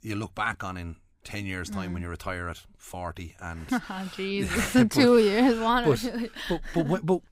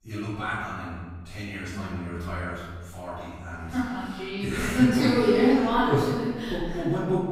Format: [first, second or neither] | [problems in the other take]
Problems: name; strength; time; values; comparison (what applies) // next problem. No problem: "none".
first | off-mic speech; far // room echo; strong; dies away in 1.3 s